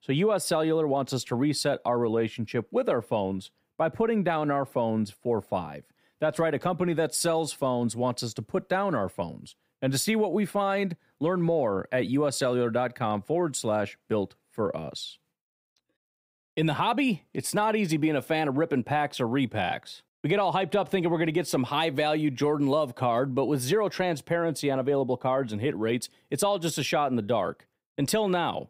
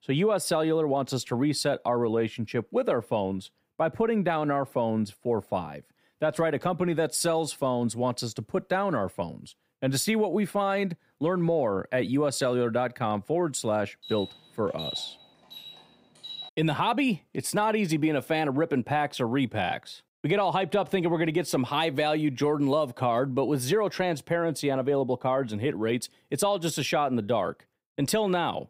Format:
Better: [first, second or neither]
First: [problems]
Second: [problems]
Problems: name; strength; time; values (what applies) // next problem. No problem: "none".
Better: first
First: none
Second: alarm; noticeable; from 14 to 16 s; peak 7 dB below the speech